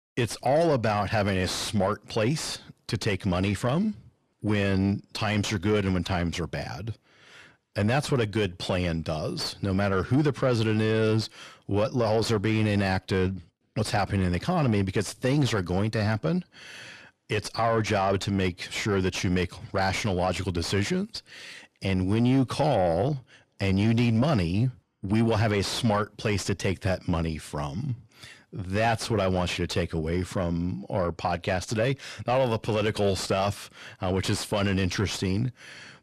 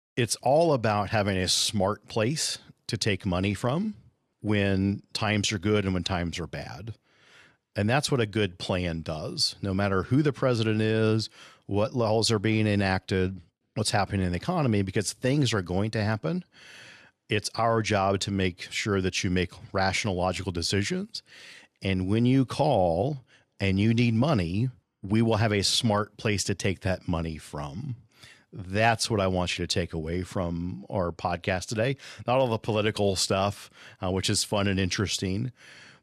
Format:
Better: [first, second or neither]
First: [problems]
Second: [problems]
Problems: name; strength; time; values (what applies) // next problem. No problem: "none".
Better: second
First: distortion; slight; 10 dB below the speech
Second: none